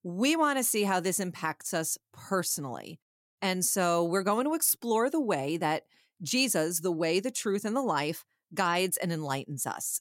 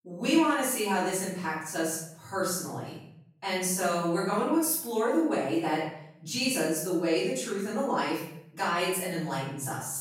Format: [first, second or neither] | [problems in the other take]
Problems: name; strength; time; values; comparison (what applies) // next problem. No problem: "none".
first | off-mic speech; far // room echo; noticeable; dies away in 0.7 s